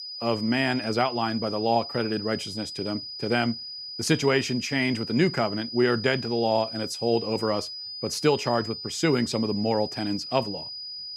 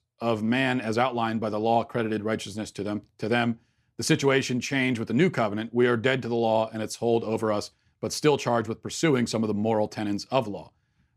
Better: second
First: high-pitched whine; loud; throughout; 5 kHz, 8 dB below the speech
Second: none

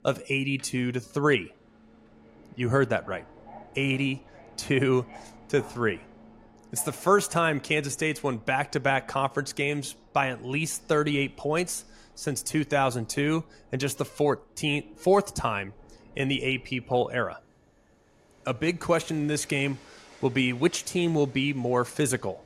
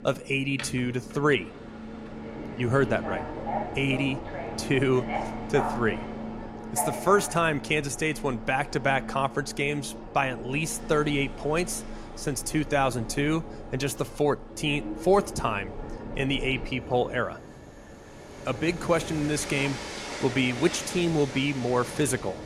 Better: first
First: train or aircraft noise; faint; throughout; 25 dB below the speech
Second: train or aircraft noise; loud; throughout; 10 dB below the speech

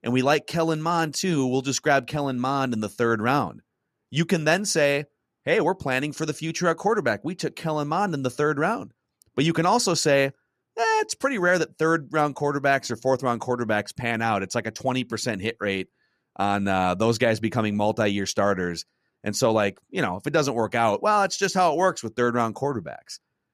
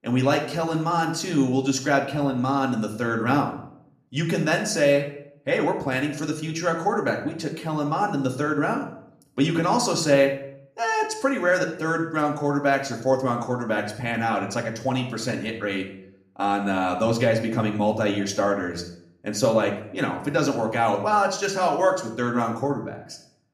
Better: first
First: none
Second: room echo; slight; dies away in 0.6 s // off-mic speech; somewhat distant

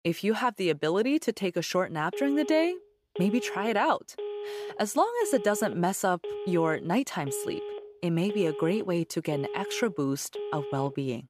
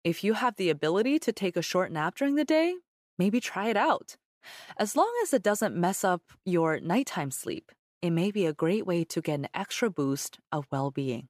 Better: second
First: phone ringing; noticeable; from 2 s on; peak 7 dB below the speech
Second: none

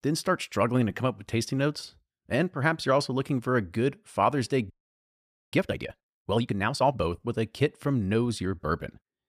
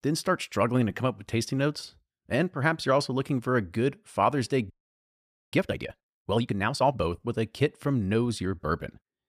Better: neither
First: audio freezing; at 4.5 s for 1 s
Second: audio freezing; at 4.5 s for 1 s

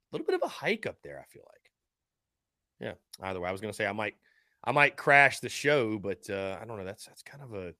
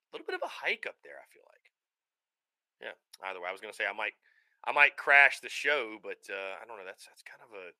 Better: first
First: none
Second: thin; very; fading below 500 Hz

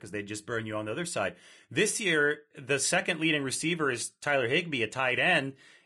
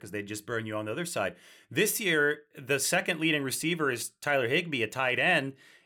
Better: second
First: garbled, watery; slightly; nothing above 10.5 kHz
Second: none

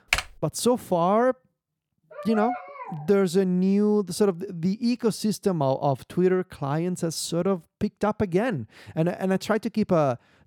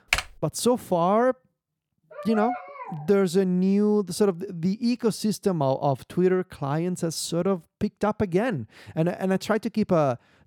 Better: neither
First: keyboard typing; noticeable; at the start; peak 1 dB below the speech // dog barking; noticeable; at 2 s; peak 6 dB below the speech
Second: keyboard typing; noticeable; at the start; peak 1 dB below the speech // dog barking; noticeable; at 2 s; peak 6 dB below the speech

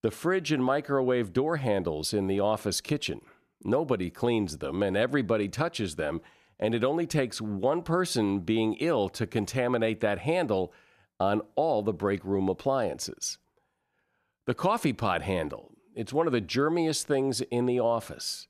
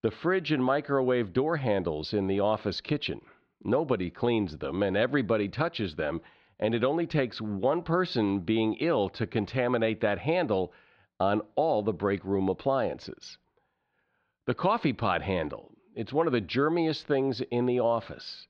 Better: first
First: none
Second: muffled; very slightly; fading above 4 kHz

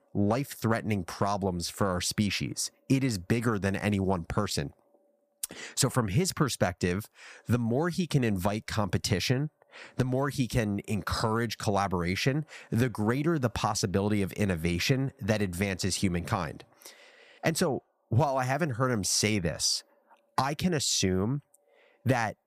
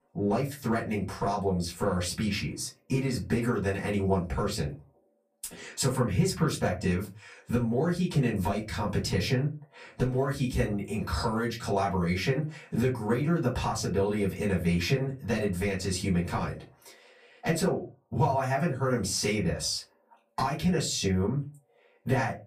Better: first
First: none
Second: off-mic speech; far // room echo; very slight; dies away in 0.2 s

